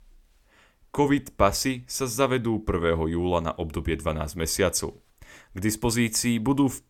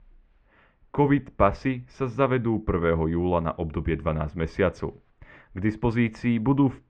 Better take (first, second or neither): first